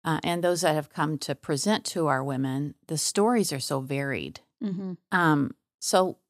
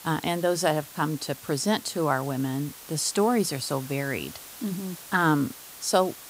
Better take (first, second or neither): first